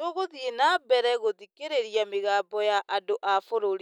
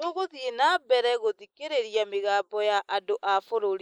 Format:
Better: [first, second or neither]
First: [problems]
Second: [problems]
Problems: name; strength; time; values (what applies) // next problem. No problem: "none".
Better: first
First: none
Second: noise reduction (neural mask model Resemble Enhance denoiser)